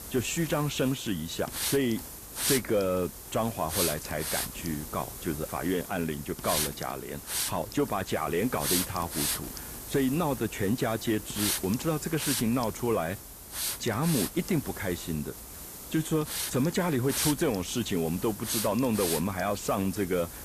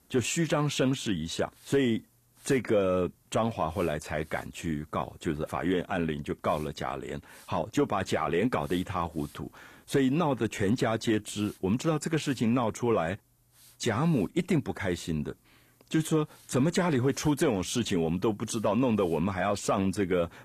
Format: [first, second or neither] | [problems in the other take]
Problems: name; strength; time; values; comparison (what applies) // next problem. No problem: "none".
second | hiss; loud; throughout; 4 dB below the speech; faint in the second